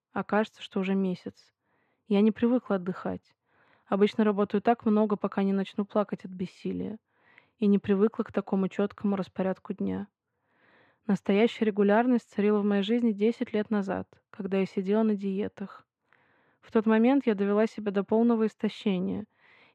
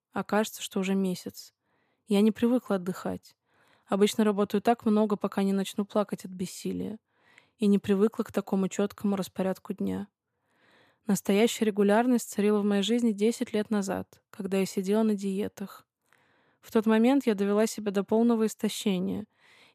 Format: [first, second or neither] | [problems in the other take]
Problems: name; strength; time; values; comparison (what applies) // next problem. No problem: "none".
second | muffled; slightly; fading above 2.5 kHz